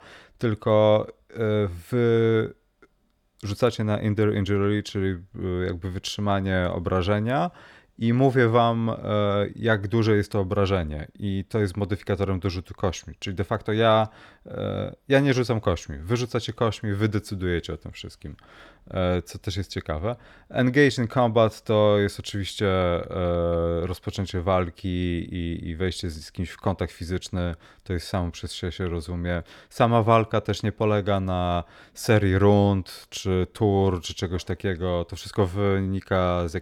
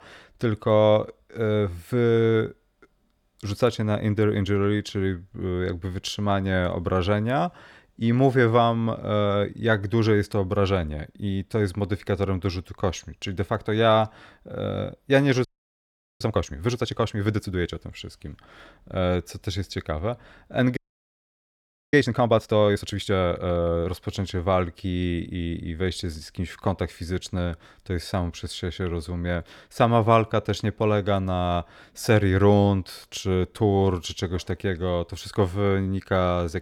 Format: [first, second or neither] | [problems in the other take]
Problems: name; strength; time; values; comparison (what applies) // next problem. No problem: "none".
first | audio freezing; at 15 s for 1 s and at 21 s for 1 s